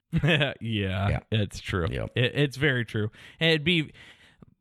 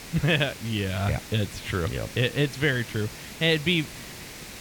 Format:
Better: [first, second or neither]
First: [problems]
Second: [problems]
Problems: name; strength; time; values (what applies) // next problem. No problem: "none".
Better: first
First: none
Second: hiss; noticeable; throughout; 15 dB below the speech